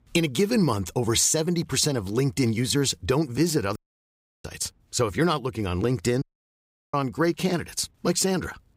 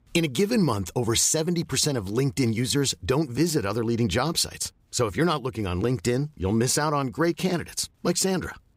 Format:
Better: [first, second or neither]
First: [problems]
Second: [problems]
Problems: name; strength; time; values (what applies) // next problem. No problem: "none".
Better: second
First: audio cutting out; at 4 s for 0.5 s and at 6 s for 0.5 s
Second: none